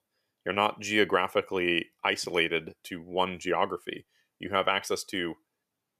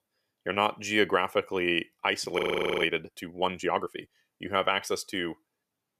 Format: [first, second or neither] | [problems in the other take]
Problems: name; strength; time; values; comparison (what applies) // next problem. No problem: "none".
first | audio freezing; at 2.5 s